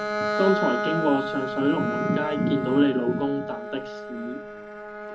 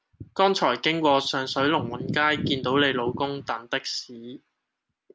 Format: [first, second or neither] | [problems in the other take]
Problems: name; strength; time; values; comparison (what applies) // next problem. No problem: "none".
second | background sound (Bowed string instrument); 4 dB below the speech // room echo; dies away in 0.4 s